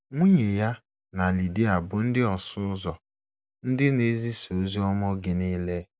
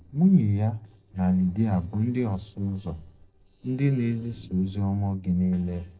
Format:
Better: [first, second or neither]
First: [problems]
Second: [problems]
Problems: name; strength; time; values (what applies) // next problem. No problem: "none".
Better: first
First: none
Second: noise reduction (neural separator model SepFormer DNS4)